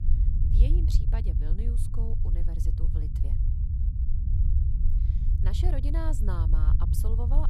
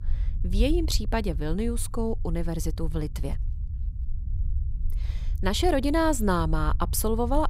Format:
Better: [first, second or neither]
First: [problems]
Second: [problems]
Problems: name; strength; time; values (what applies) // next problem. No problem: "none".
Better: second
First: low rumble; loud; throughout; 2 dB below the speech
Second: low rumble; faint; throughout; 25 dB below the speech